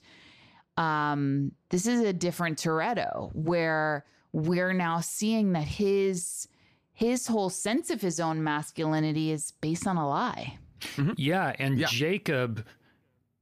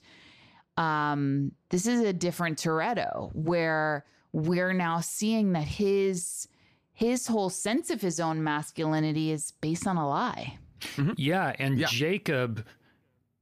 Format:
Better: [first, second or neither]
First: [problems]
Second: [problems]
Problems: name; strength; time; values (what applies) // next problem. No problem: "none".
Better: neither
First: none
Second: none